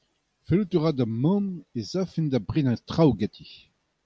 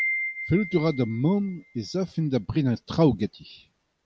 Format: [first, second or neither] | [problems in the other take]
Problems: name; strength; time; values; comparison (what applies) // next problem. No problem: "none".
first | background sound (Wind chime); 10 dB below the speech